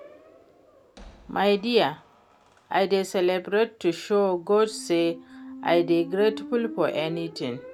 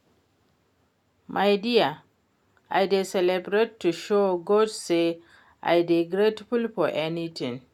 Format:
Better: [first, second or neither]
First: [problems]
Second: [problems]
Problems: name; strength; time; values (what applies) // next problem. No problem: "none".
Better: second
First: background sound (Squeak); 17 dB below the speech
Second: none